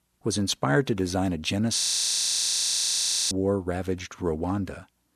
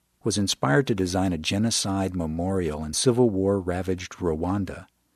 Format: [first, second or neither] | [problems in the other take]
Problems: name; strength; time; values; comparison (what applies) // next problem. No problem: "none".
second | audio freezing; at 2 s for 1.5 s